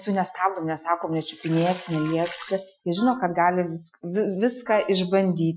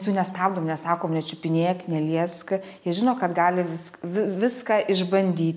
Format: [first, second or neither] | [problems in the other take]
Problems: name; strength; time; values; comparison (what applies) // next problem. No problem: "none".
second | noise reduction (classical method Wiener filter)